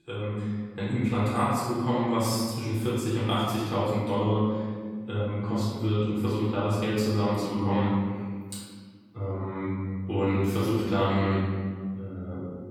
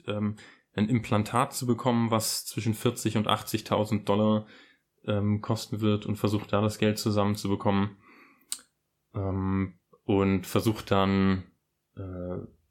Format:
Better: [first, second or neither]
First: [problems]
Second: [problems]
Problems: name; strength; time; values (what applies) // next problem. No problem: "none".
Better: second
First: off-mic speech; far // room echo; strong; dies away in 1.7 s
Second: none